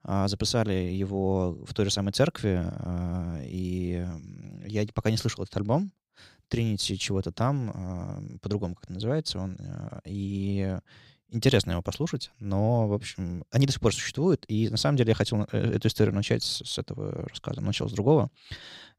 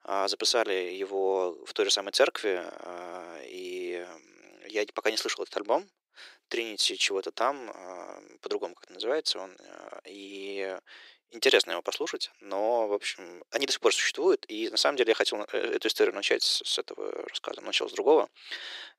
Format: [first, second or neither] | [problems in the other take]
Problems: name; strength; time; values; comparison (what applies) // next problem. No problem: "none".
first | thin; very; fading below 350 Hz